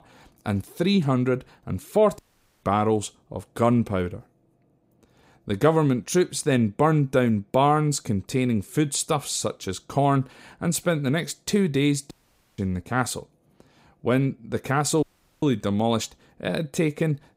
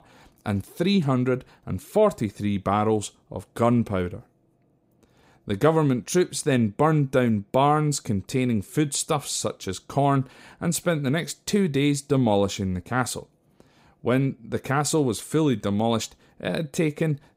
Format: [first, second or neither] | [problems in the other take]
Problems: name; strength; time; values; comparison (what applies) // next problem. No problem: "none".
second | audio cutting out; at 2 s, at 12 s and at 15 s